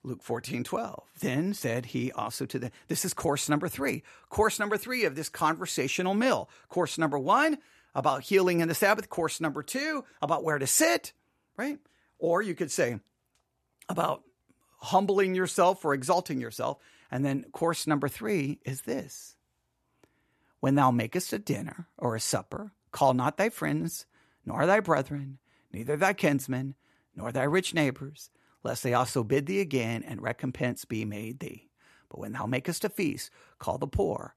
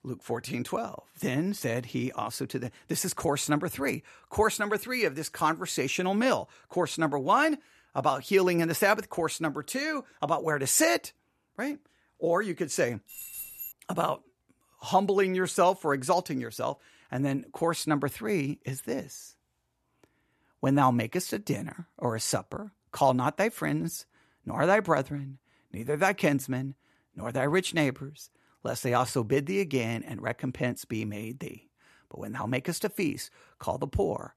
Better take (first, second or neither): first